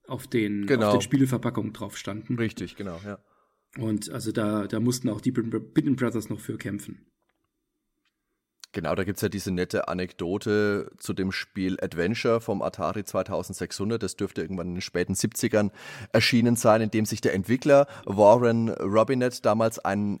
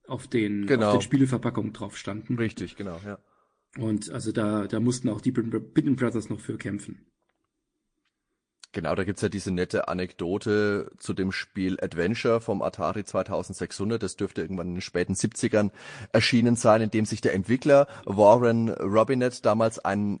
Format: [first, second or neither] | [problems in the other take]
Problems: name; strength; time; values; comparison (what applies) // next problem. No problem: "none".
first | garbled, watery; slightly; nothing above 9 kHz